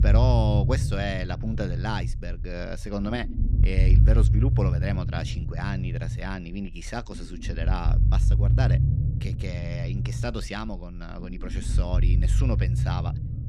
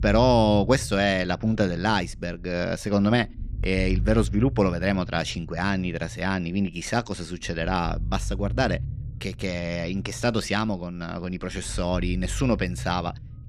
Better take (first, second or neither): second